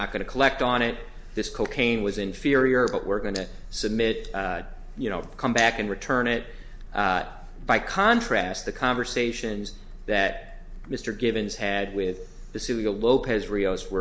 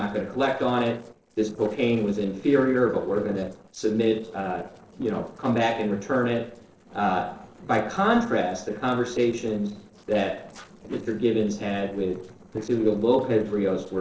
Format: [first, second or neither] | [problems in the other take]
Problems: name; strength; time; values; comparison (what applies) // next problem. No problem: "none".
first | noise reduction (neural separator model SepFormer DNS4)